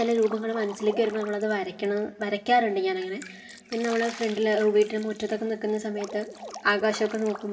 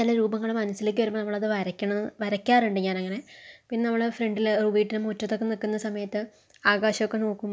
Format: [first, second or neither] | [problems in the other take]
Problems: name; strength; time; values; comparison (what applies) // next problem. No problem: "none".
second | background sound (Drip); 17 dB below the speech // room echo; dies away in 1.9 s